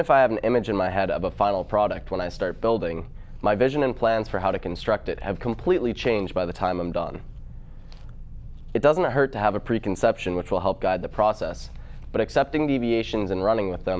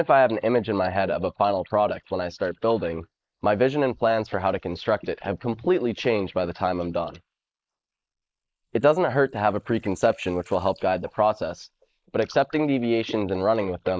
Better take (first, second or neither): first